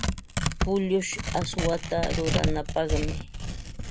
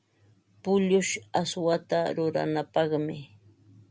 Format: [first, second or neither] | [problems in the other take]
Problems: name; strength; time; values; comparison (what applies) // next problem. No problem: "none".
second | background sound (Tearing); as loud as the speech